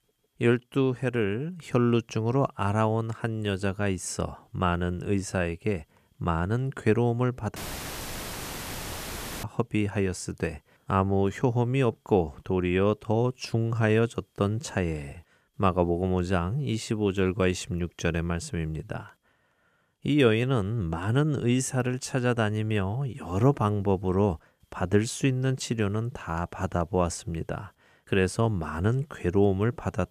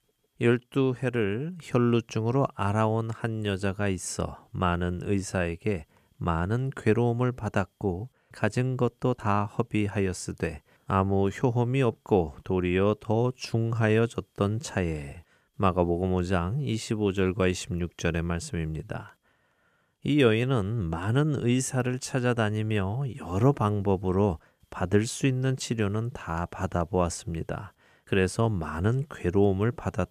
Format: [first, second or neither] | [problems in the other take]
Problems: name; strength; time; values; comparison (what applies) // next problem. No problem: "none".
second | audio cutting out; filled with static; at 7.5 s for 2 s